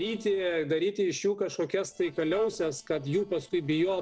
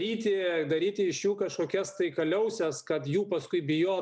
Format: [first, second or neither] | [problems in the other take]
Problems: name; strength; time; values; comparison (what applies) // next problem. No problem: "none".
second | noise reduction (neural separator model SepFormer DNS4)